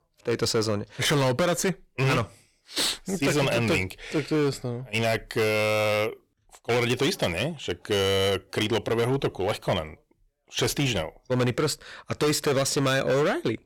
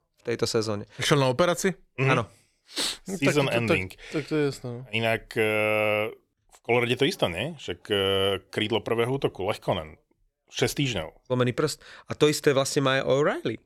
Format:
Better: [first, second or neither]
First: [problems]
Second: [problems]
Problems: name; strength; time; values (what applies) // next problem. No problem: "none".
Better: second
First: distortion; heavy; 14% of the sound clipped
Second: none